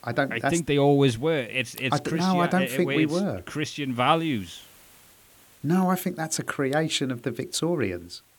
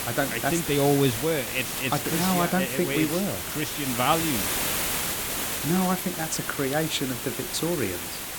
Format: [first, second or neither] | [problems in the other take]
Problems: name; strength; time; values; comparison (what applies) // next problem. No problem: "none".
first | hiss; loud; throughout; 2 dB below the speech; faint in the first